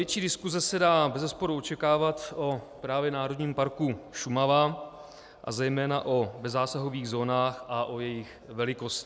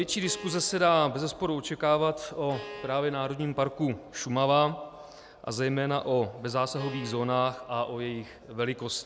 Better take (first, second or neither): first